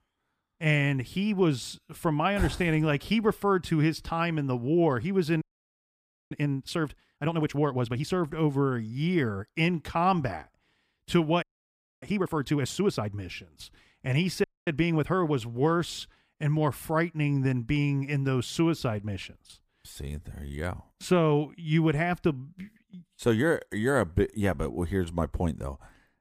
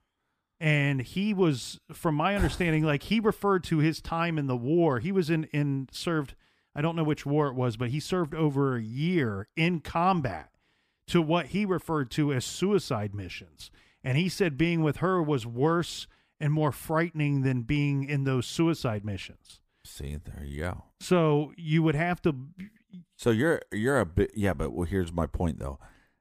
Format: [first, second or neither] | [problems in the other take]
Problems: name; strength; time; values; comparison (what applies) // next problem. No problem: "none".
second | audio freezing; at 5.5 s for 1 s, at 11 s for 0.5 s and at 14 s